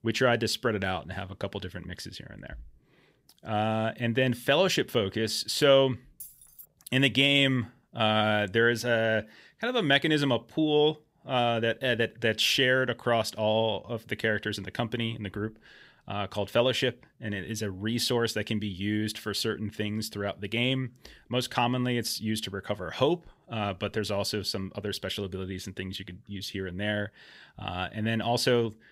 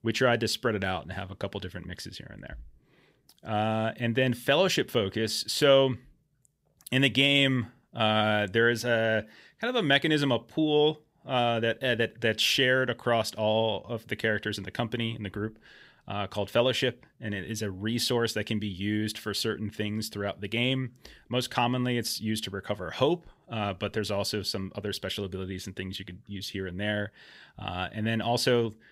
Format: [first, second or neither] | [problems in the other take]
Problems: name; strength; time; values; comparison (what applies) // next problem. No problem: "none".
second | jangling keys; faint; at 6 s; peak 15 dB below the speech